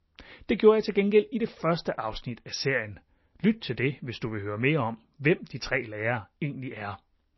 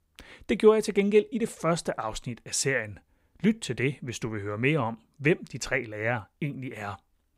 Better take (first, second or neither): second